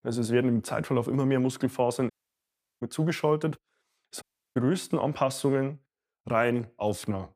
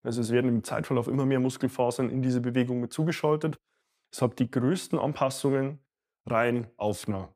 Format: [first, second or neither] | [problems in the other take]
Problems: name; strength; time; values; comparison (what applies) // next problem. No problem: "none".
second | audio cutting out; at 2 s for 0.5 s and at 4 s